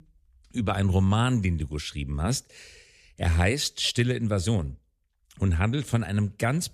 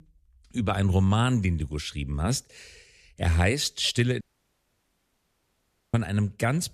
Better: first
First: none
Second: audio cutting out; at 4 s for 1.5 s

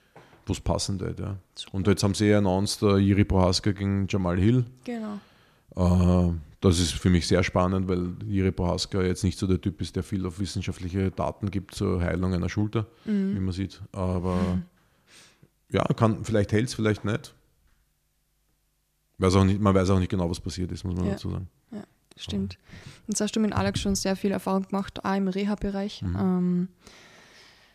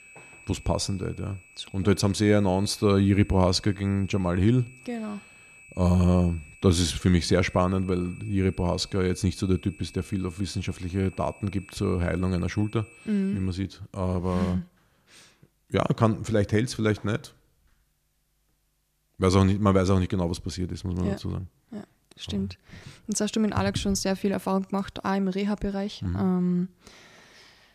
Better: first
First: none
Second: high-pitched whine; faint; until 14 s; 2.5 kHz, 25 dB below the speech

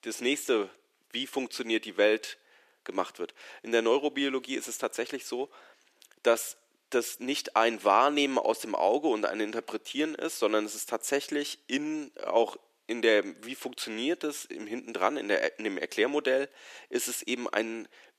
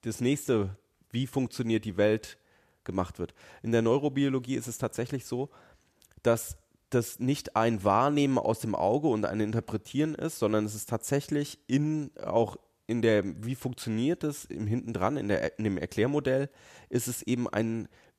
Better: second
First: thin; somewhat; fading below 300 Hz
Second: none

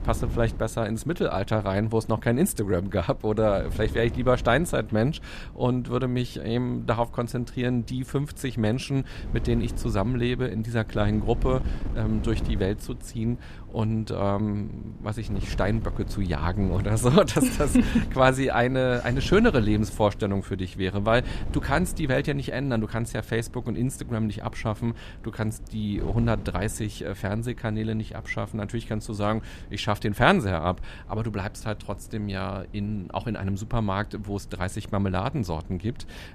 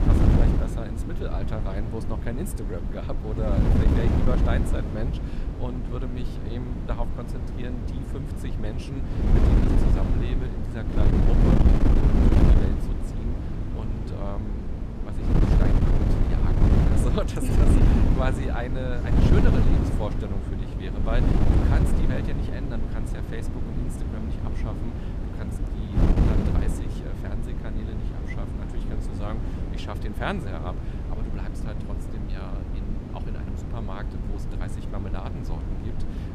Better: first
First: wind noise on the microphone; occasional gusts; 20 dB below the speech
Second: wind noise on the microphone; heavy; 2 dB above the speech

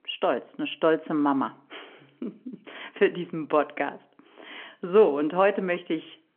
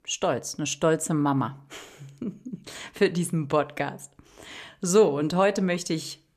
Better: second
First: phone-call audio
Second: none

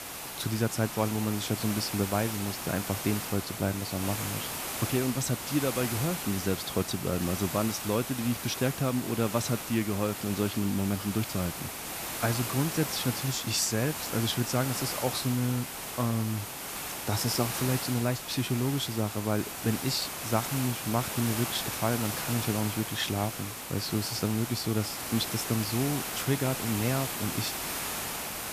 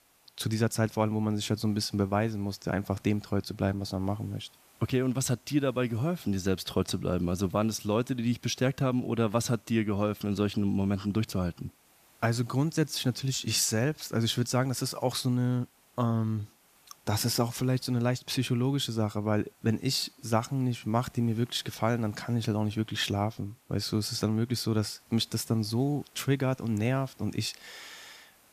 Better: second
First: hiss; loud; throughout; 4 dB below the speech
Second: hiss; faint; throughout; 30 dB below the speech

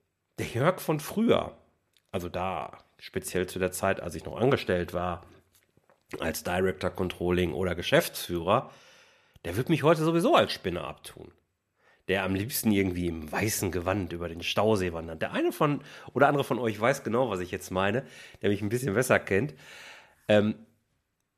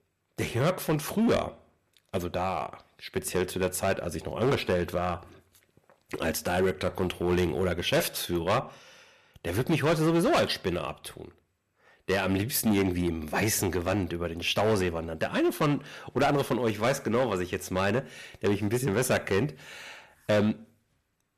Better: first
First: none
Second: distortion; heavy; 7% of the sound clipped

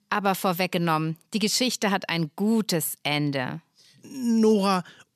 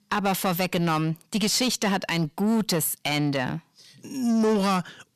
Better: first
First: none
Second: distortion; slight; 10 dB below the speech

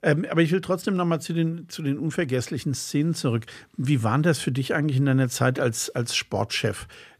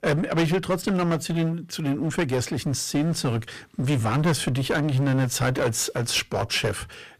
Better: first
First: none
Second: distortion; heavy; 15% of the sound clipped

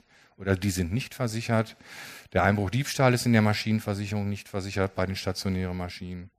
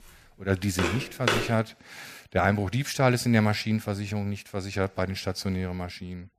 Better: first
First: none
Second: footsteps; loud; at 1 s; peak 1 dB above the speech

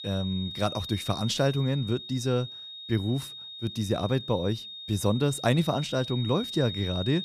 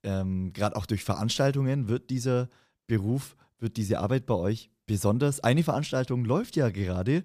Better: second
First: high-pitched whine; loud; throughout; 3.5 kHz, 9 dB below the speech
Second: none

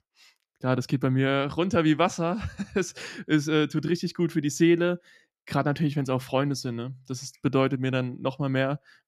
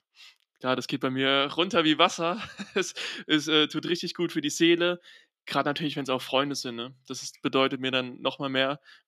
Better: first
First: none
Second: thin; very slightly; fading below 250 Hz

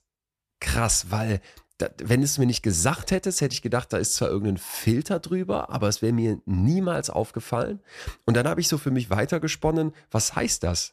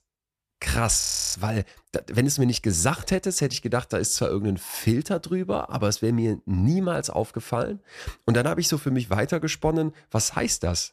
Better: first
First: none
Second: audio freezing; at 1 s

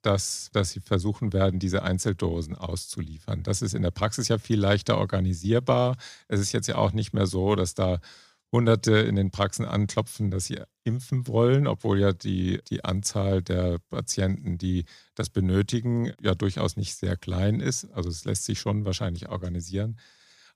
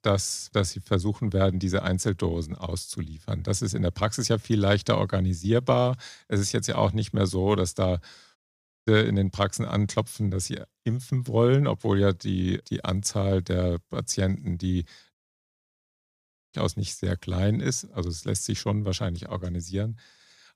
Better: first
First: none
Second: audio cutting out; at 8.5 s for 0.5 s and at 15 s for 1.5 s

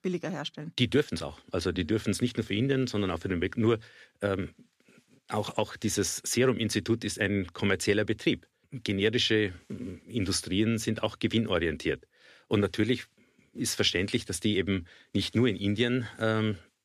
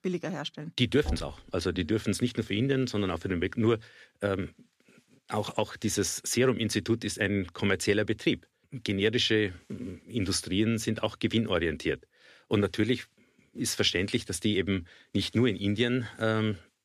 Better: first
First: none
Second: door banging; noticeable; at 1 s; peak 8 dB below the speech

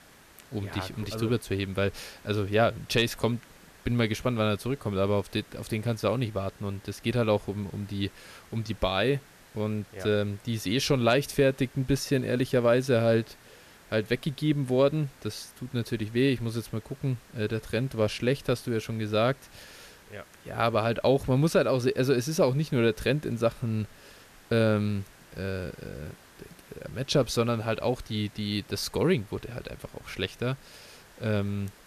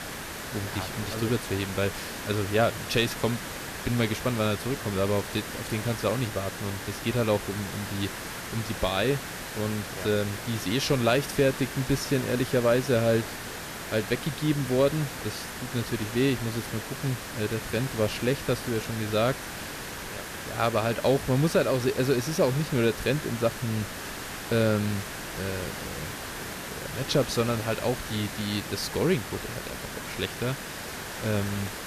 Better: first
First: hiss; faint; throughout; 25 dB below the speech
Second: hiss; loud; throughout; 7 dB below the speech

